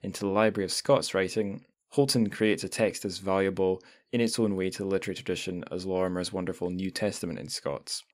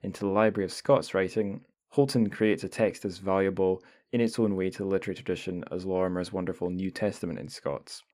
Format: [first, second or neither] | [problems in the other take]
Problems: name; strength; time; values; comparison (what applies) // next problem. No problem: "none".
first | muffled; slightly; fading above 3 kHz